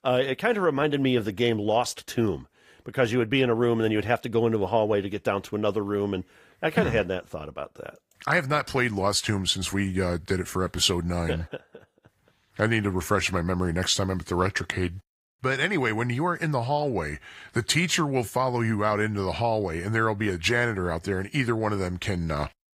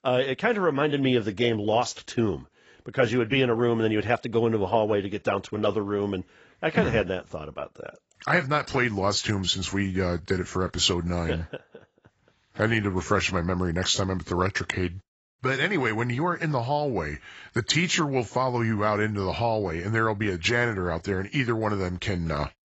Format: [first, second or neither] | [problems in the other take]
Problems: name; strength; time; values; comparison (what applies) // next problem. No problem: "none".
first | garbled, watery; badly; nothing above 7.5 kHz; slightly in the first